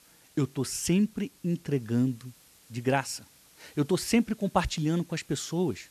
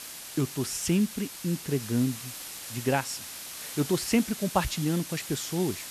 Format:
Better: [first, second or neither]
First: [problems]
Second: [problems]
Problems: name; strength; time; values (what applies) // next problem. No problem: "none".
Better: first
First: hiss; faint; throughout; 25 dB below the speech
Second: hiss; loud; throughout; 8 dB below the speech